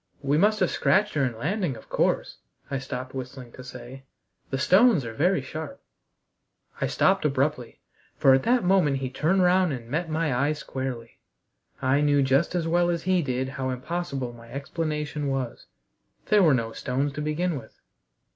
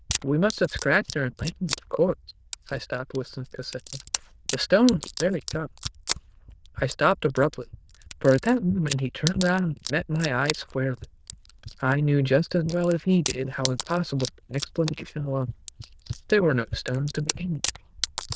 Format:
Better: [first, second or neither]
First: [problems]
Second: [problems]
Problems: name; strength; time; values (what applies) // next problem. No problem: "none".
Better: first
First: none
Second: noise reduction (neural diffusion model UNIVERSE++)